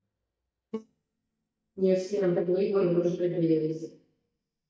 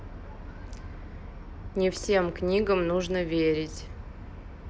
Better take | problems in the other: second | noise reduction (neural mask model DeepFilterNet 3)

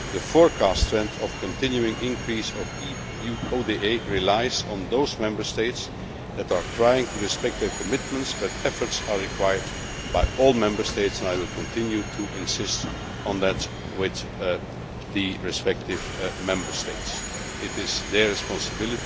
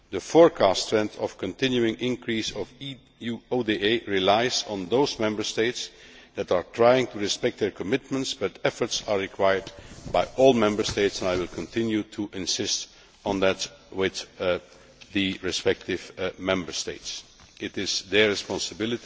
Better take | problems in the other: second | background sound (Subway, metro, underground); 6 dB below the speech

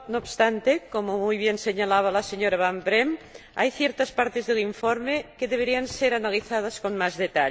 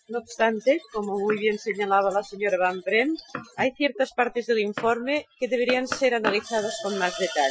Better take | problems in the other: first | noise reduction (classical method Wiener filter)

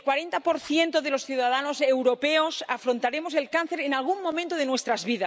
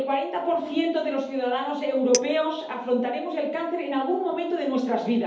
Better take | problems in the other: first | background sound (Chink, clink); 13 dB below the speech // room echo; dies away in 2.2 s

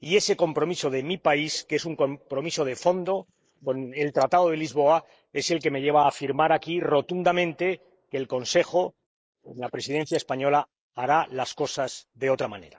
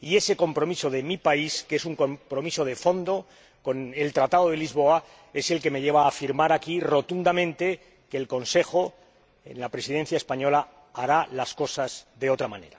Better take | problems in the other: second | noise reduction (neural mask model Resemble Enhance denoiser)

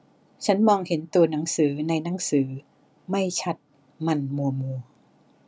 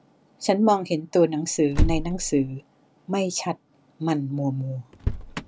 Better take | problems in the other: first | background sound (Motor vehicle (road)); 5 dB below the speech

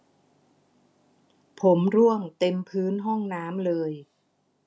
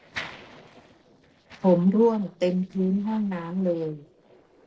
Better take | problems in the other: first | noise reduction (neural separator model SepFormer DNS4)

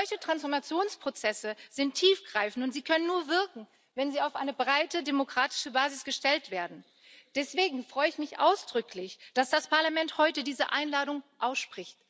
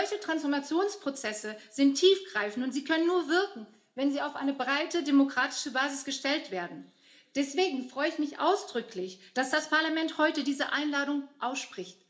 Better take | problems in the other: first | room echo; dies away in 0.4 s

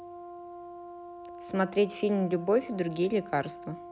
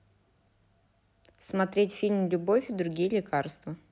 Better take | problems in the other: second | background sound (Brass instrument); 14 dB below the speech

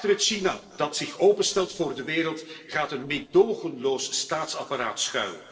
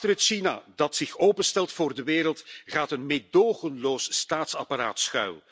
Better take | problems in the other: second | noise reduction (neural separator model SepFormer DNS4)

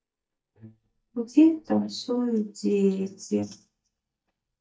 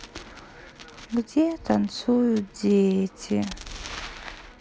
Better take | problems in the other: second | noise reduction (neural mask model DeepFilterNet 3)

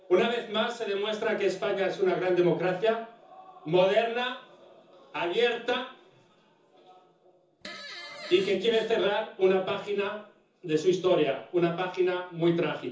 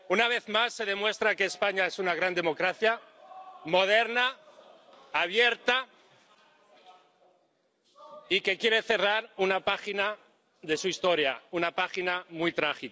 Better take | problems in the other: second | background sound (Fart); 14 dB below the speech // room echo; dies away in 0.6 s

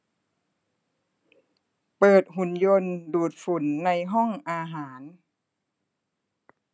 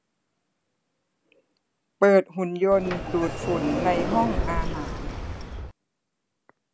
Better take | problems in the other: first | background sound (Sliding door); 5 dB below the speech

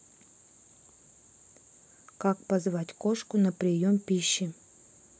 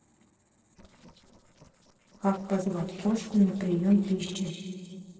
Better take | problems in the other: first | noise reduction (neural separator model SepFormer DNS4)

